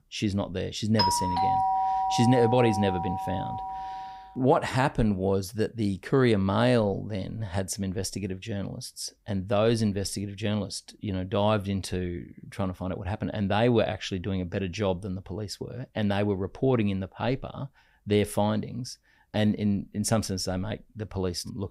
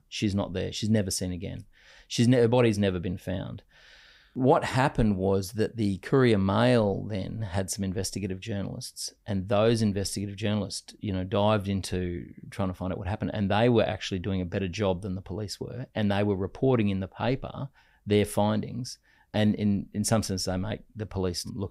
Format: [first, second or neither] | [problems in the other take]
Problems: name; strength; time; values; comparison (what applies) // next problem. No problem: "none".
second | doorbell; loud; from 1 to 4 s; peak 3 dB above the speech